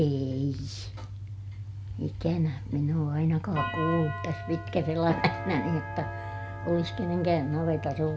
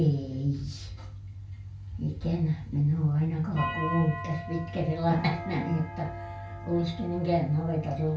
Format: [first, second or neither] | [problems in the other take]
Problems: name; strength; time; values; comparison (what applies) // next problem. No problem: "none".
first | room echo; dies away in 0.2 s